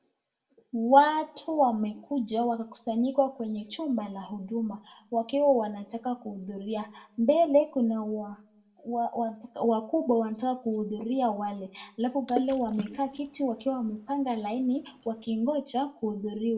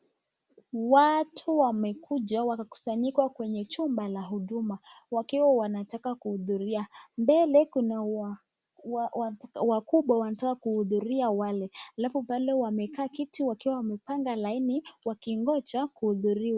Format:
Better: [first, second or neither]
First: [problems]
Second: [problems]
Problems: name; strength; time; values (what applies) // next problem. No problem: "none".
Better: second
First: background sound (Water / Splash, splatter); 13 dB below the speech // room echo; dies away in 0.3 s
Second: none